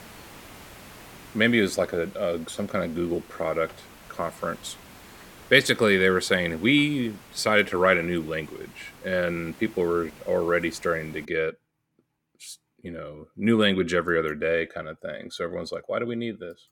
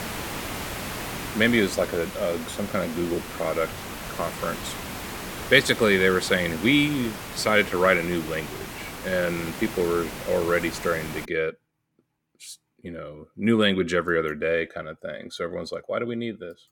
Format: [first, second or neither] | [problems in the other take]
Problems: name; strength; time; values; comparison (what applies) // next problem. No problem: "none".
first | hiss; loud; until 11 s; 10 dB below the speech; faint in the first